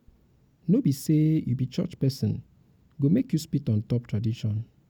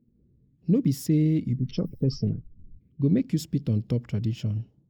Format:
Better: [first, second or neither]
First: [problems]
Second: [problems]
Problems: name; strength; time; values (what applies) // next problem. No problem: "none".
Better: first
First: none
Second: noise reduction (neural mask model Resemble Enhance denoiser)